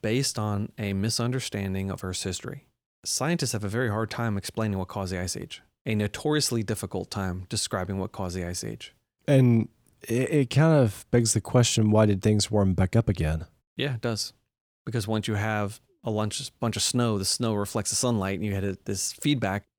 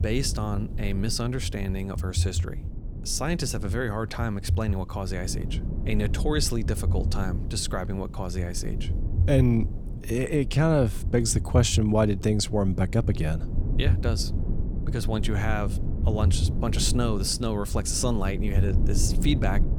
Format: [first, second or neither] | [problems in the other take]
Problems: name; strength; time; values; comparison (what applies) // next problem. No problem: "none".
first | low rumble; noticeable; throughout; 15 dB below the speech